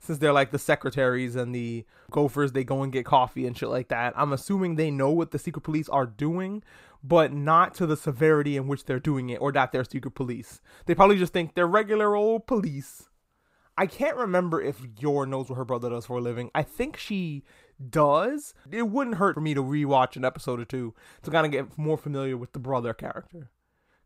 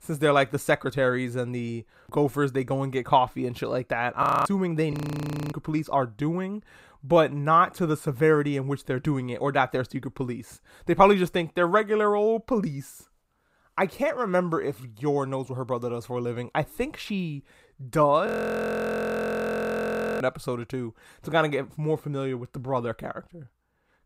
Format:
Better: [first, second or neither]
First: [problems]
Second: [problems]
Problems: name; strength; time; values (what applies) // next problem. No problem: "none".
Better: first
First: none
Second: audio freezing; at 4 s, at 5 s for 0.5 s and at 18 s for 2 s